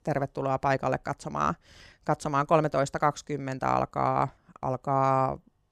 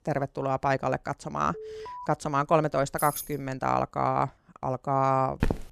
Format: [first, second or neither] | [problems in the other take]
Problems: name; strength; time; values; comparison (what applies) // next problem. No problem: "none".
first | alarm; faint; at 1.5 s; peak 10 dB below the speech // jangling keys; noticeable; at 3 s; peak 6 dB below the speech // footsteps; noticeable; at 5.5 s; peak 3 dB below the speech